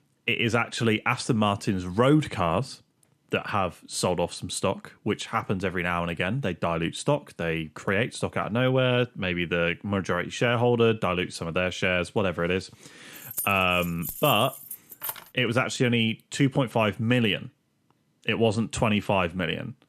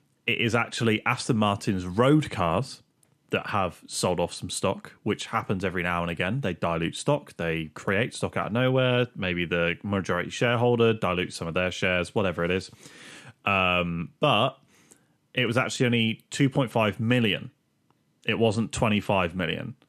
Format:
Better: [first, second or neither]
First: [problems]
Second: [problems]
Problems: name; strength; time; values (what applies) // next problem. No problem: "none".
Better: second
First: jangling keys; noticeable; from 13 to 15 s; peak 6 dB below the speech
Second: none